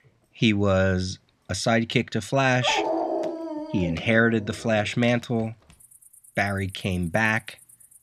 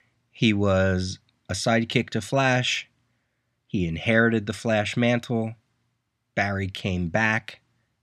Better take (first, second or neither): second